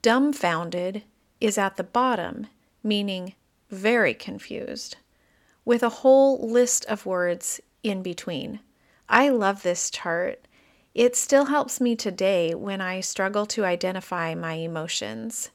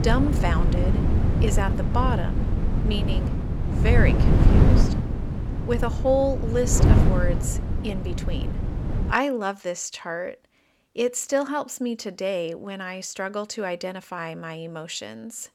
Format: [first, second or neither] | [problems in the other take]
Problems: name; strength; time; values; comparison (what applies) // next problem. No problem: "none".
first | wind noise on the microphone; heavy; until 9 s; 5 dB below the speech